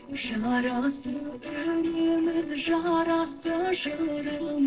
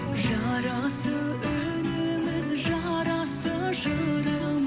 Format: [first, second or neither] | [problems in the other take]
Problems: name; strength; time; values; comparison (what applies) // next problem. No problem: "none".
second | noise reduction (neural separator model SepFormer DNS4)